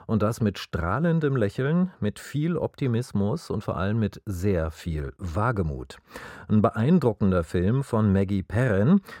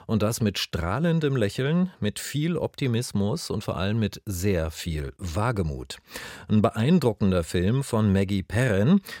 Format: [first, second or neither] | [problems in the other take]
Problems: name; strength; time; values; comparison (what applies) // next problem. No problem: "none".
second | muffled; slightly; fading above 1.5 kHz